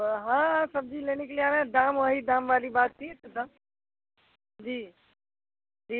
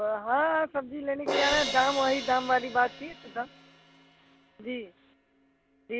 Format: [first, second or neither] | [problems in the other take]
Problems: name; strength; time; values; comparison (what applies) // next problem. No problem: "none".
first | background sound (Crash cymbal); 8 dB below the speech